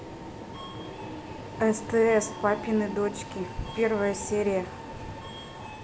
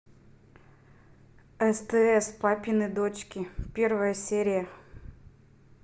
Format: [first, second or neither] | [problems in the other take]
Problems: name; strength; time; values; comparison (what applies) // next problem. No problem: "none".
second | background sound (Subway, metro, underground); 10 dB below the speech